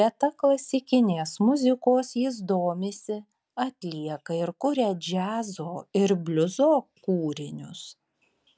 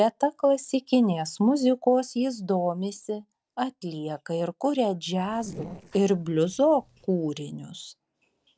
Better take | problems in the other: first | noise reduction (neural separator model SepFormer DNS4)

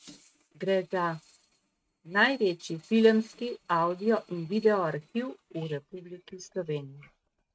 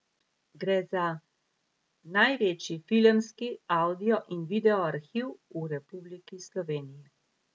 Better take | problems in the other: second | noise reduction (neural mask model RNNoise)

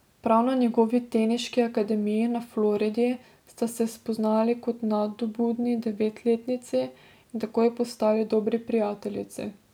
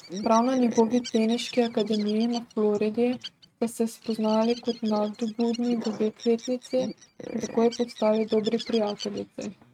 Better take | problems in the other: first | noise reduction (neural mask model RNNoise)

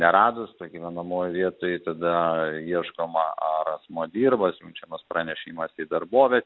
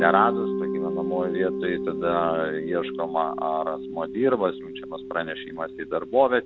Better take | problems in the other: first | background sound (Mallet percussion); 5 dB below the speech

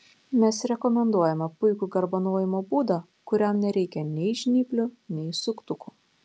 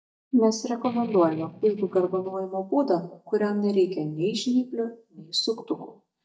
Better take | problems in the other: first | noise reduction (neural mask model DeepFilterNet 3)

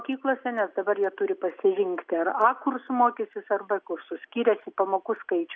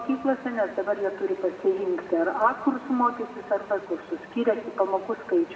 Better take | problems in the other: first | background sound (Wind); 19 dB below the speech // room echo; dies away in 1.2 s

